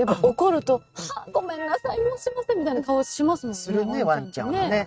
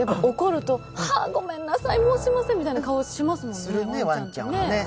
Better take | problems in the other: second | noise reduction (neural mask model RNNoise)

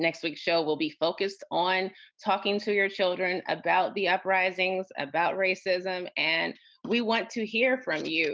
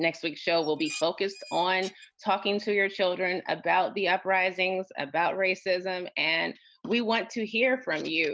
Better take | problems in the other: first | background sound (Dishes, pots, and pans); 17 dB below the speech

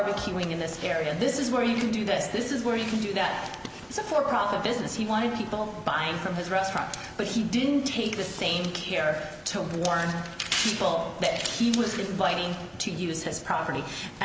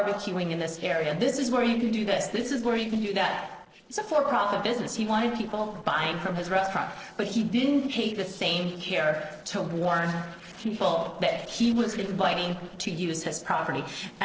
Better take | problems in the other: first | noise reduction (neural separator model SepFormer DNS4)

